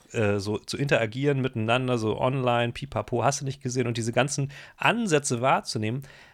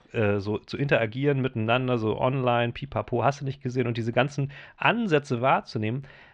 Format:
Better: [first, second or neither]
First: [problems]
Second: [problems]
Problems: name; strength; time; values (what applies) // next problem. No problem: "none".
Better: first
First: none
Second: muffled; slightly; fading above 3.5 kHz